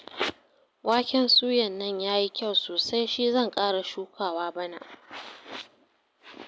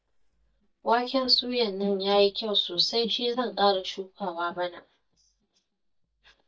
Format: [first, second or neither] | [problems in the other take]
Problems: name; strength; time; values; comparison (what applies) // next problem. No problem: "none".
first | noise reduction (neural mask model DeepFilterNet 3)